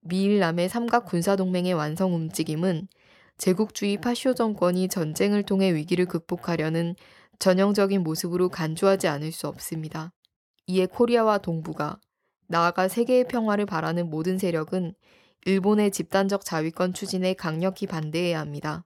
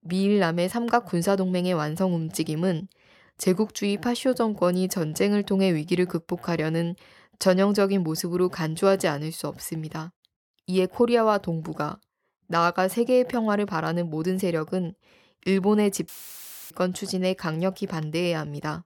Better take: first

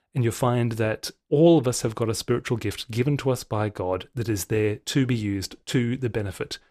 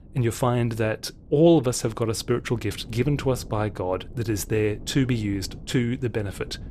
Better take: first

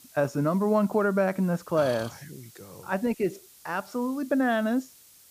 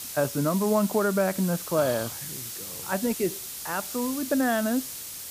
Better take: first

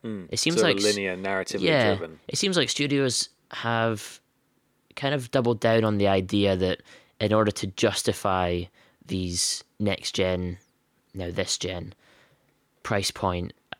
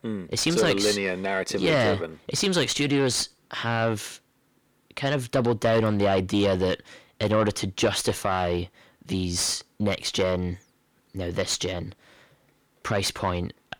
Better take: first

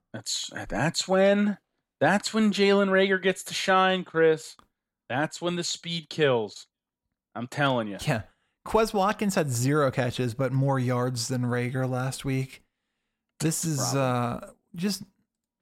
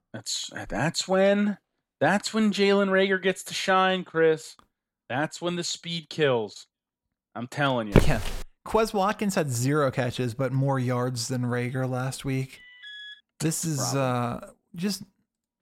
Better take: first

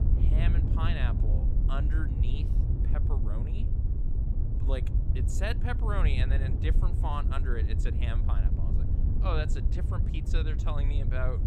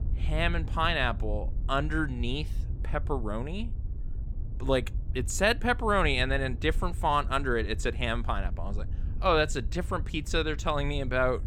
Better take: second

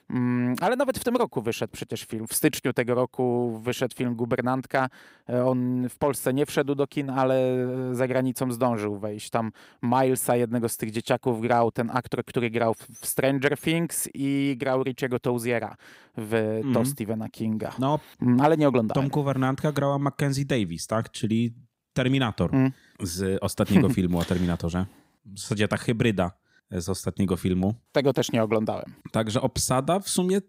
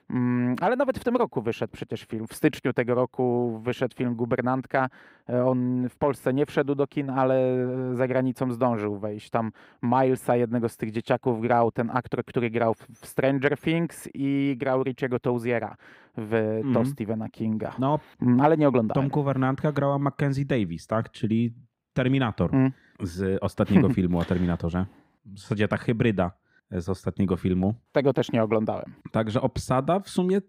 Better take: first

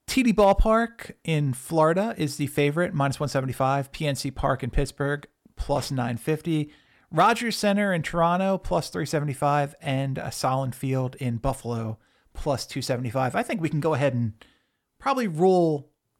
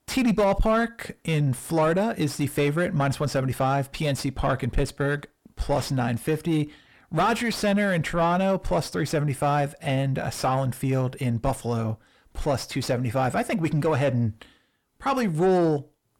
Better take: first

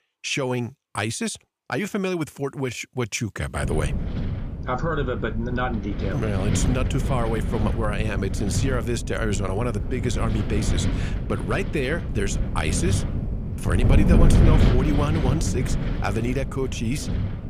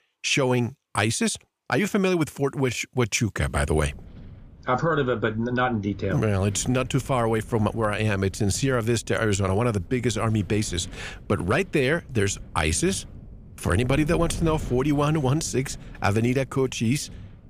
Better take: second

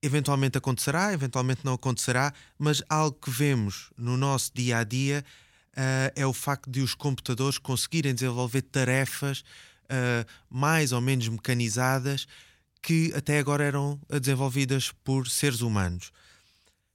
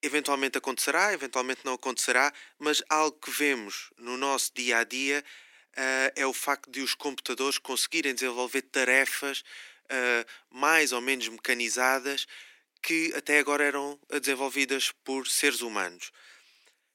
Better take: first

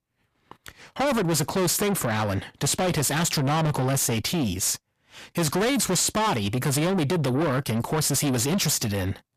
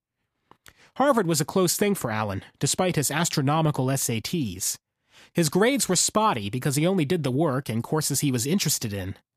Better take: second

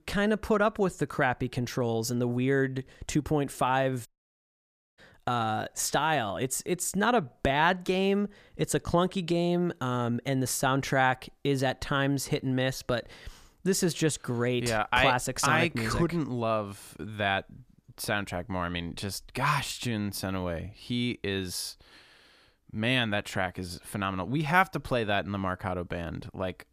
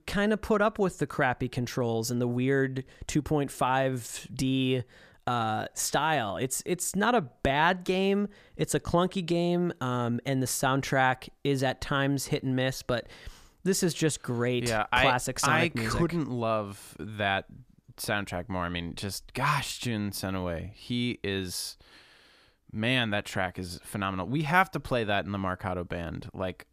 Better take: second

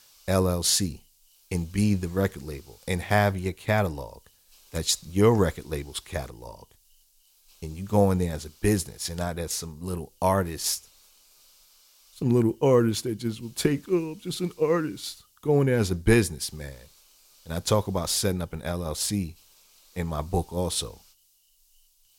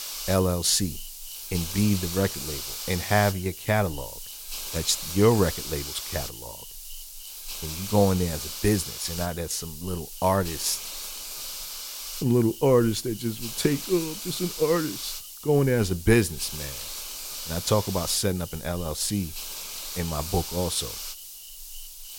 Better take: first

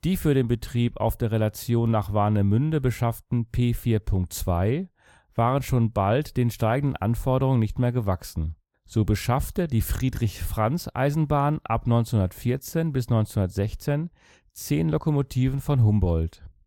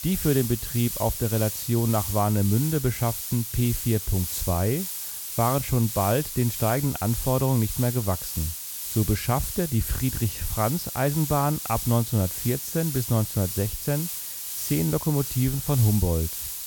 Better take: first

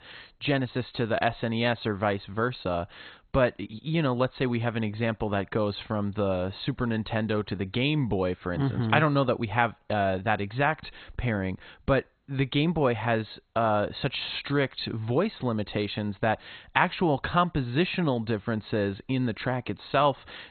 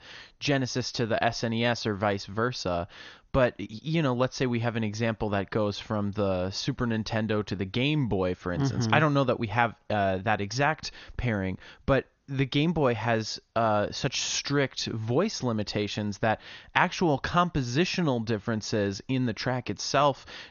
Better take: second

